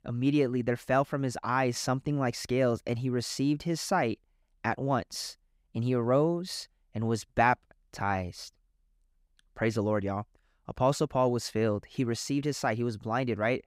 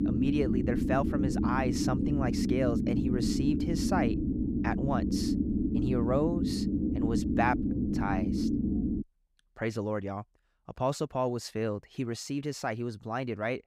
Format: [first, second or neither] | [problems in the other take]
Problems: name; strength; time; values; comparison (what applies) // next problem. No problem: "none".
first | low rumble; loud; until 9 s; 2 dB below the speech